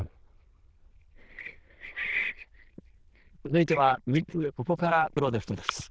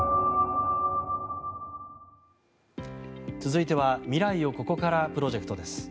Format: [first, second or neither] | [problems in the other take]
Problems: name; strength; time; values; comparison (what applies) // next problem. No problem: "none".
second | noise reduction (neural diffusion model UNIVERSE++)